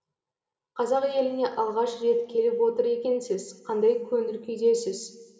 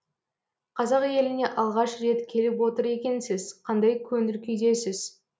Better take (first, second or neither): second